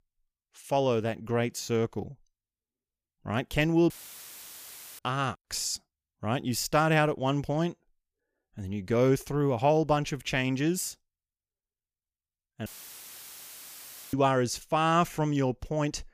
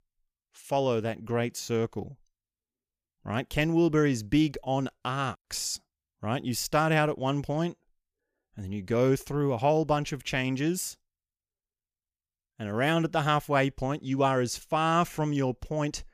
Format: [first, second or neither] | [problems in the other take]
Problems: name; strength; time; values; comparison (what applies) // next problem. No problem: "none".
second | audio cutting out; filled with static; at 4 s for 1 s and at 13 s for 1.5 s